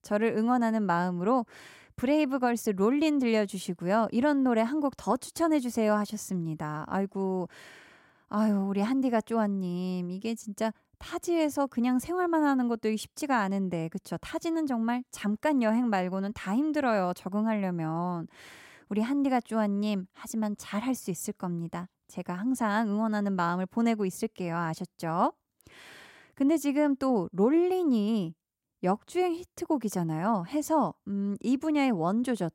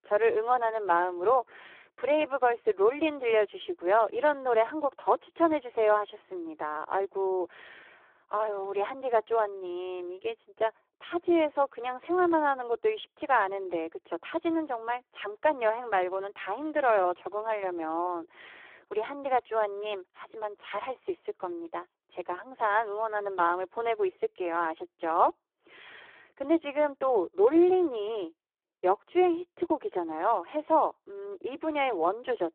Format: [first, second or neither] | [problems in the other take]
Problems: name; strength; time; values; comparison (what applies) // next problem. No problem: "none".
first | phone-call audio; poor line